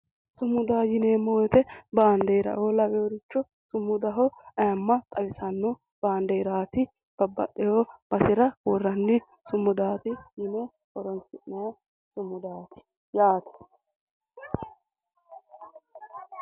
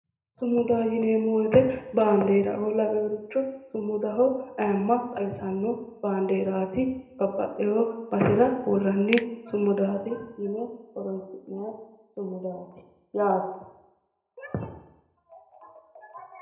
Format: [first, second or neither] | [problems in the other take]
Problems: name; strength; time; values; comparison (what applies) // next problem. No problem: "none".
first | background sound (Finger snapping); 14 dB below the speech // room echo; dies away in 0.8 s